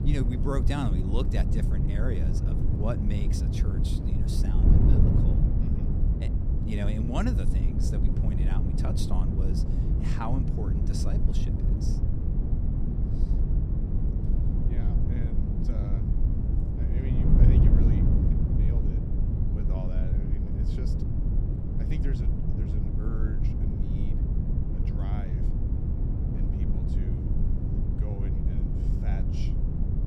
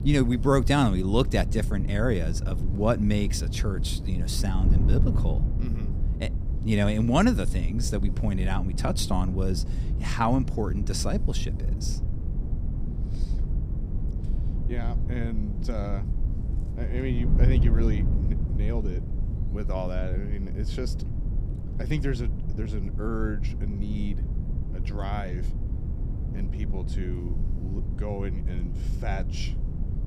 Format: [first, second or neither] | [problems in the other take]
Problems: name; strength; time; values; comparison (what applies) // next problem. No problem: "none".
second | wind noise on the microphone; heavy; 1 dB above the speech; occasional gusts in the second